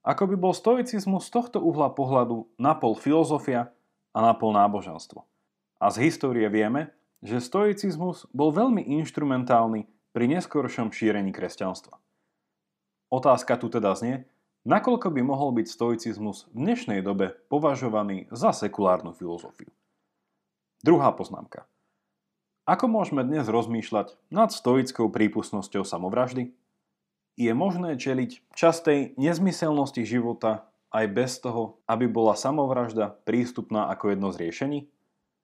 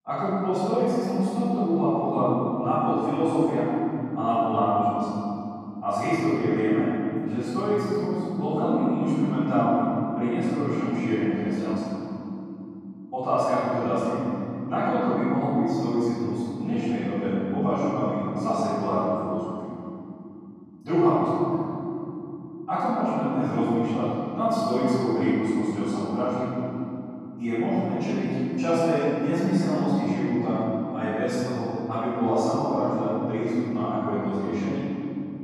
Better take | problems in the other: first | off-mic speech; far // room echo; strong; dies away in 3 s

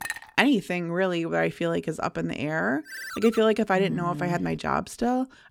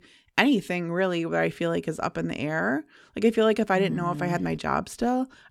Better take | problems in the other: second | clattering dishes; noticeable; at the start; peak 8 dB below the speech // phone ringing; faint; at 3 s; peak 10 dB below the speech

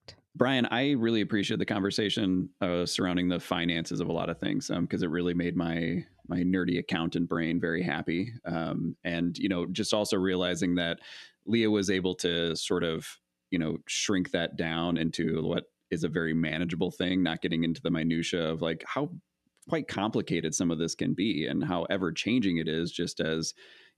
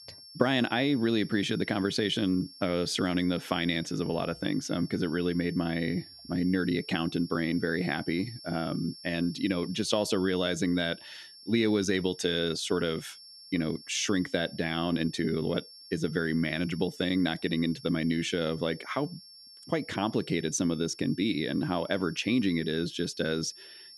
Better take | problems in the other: first | high-pitched whine; noticeable; throughout; 5.5 kHz, 20 dB below the speech

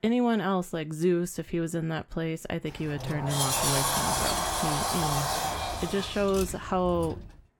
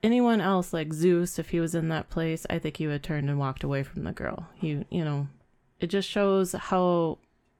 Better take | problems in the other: second | door banging; loud; from 2.5 s on; peak 6 dB above the speech

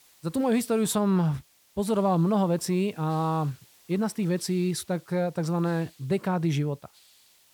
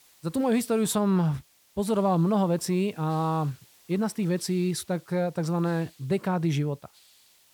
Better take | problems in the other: neither | hiss; faint; throughout; 30 dB below the speech; the same in both

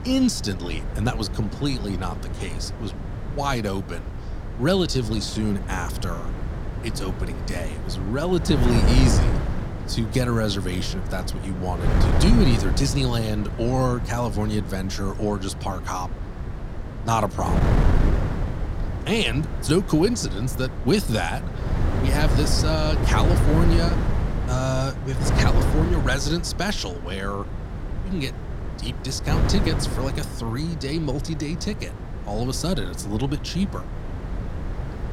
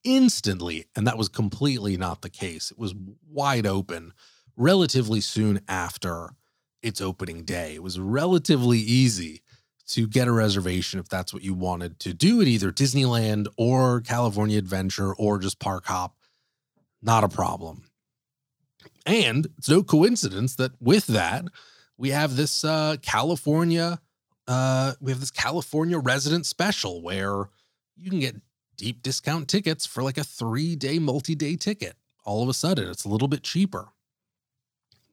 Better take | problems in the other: second | wind noise on the microphone; heavy; 6 dB below the speech

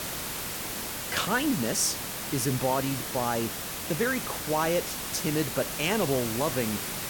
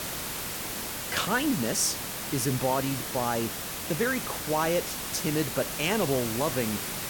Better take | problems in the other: neither | hiss; loud; throughout; 3 dB below the speech; the same in both

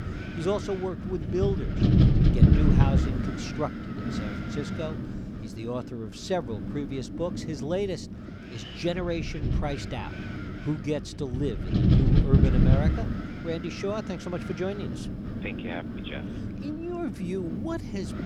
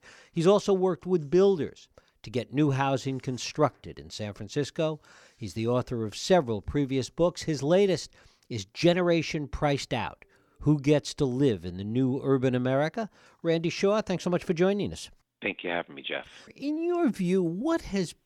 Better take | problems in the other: second | wind noise on the microphone; heavy; 2 dB below the speech

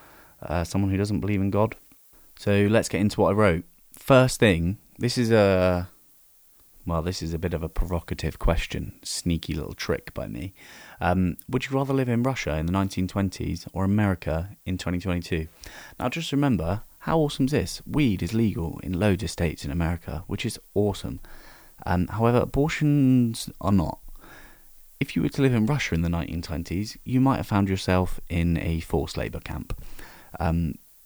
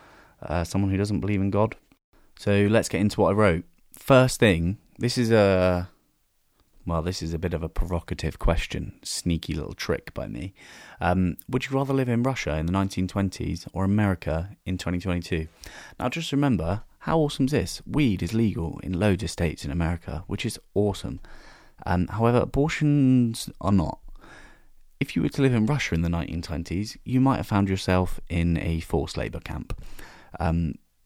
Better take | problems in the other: second | hiss; faint; throughout; 25 dB below the speech

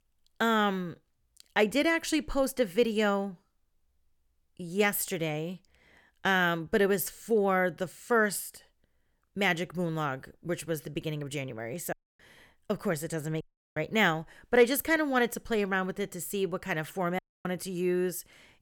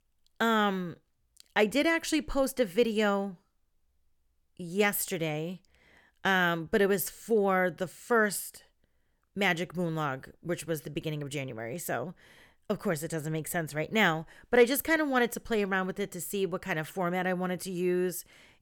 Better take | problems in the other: second | audio cutting out; at 12 s, at 13 s and at 17 s

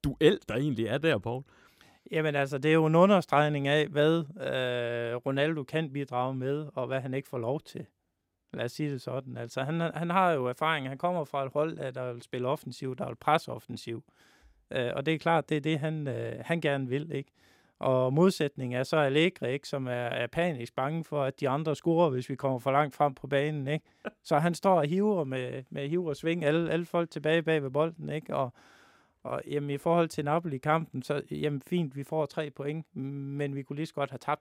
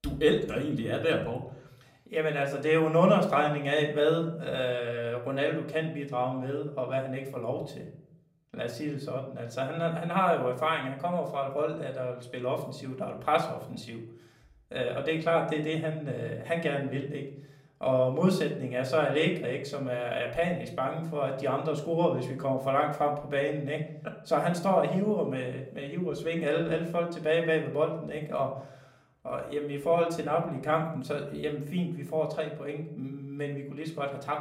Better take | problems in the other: first | room echo; slight; dies away in 0.5 s // off-mic speech; somewhat distant

